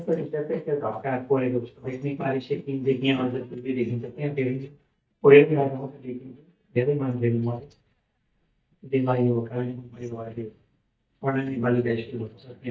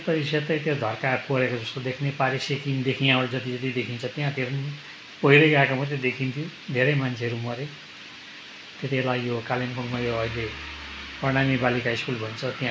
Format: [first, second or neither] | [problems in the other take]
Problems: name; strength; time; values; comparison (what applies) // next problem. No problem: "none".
second | noise reduction (neural mask model DeepFilterNet 3)